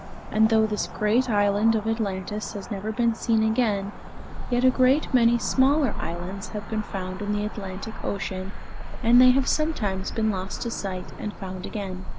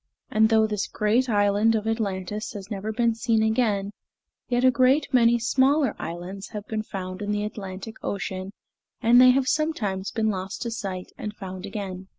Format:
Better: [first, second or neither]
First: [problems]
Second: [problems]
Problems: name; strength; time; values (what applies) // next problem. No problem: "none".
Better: second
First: background sound (Cricket / Motor vehicle (road)); 6 dB below the speech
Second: none